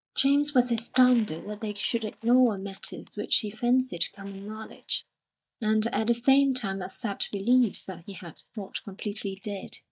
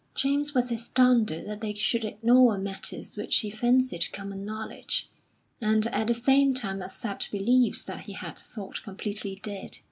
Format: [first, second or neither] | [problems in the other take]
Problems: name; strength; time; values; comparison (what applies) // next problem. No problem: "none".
second | noise reduction (neural mask model DeepFilterNet 3)